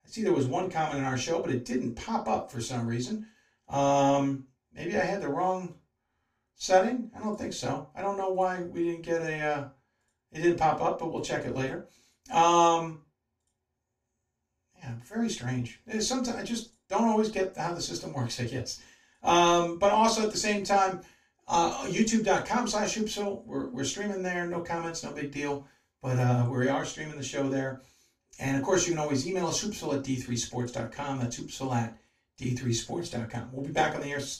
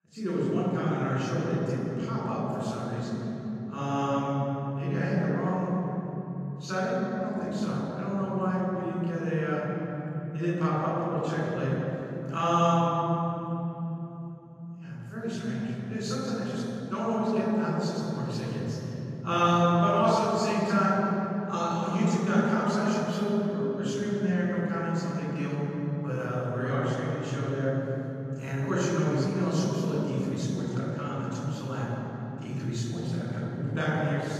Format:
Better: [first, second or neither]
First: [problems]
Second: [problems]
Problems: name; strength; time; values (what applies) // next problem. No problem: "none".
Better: first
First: room echo; slight; dies away in 0.2 s // off-mic speech; far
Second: room echo; strong; dies away in 3 s // off-mic speech; far